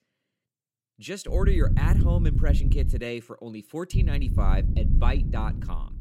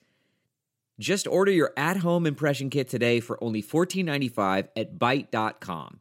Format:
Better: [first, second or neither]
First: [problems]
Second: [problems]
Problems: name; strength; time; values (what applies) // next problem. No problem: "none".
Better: second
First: low rumble; very faint; from 1.5 to 3 s and from 4 s on; 5 dB below the speech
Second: none